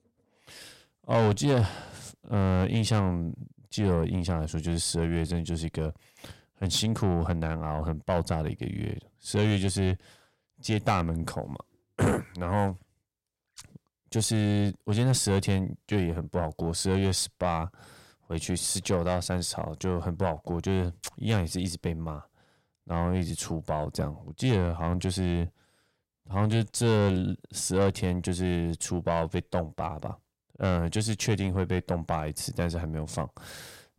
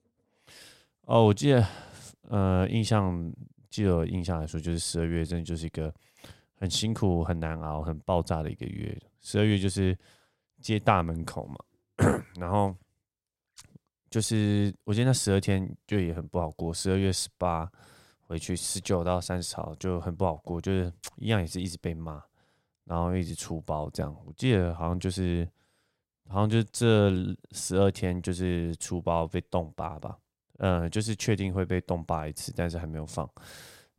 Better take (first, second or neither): second